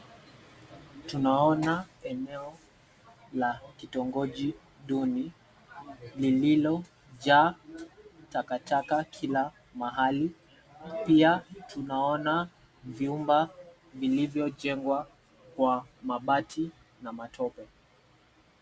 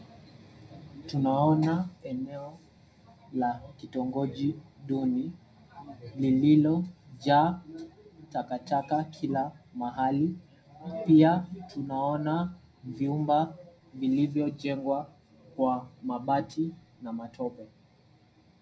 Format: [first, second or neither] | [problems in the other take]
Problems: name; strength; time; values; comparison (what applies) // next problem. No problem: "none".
first | room echo; dies away in 0.4 s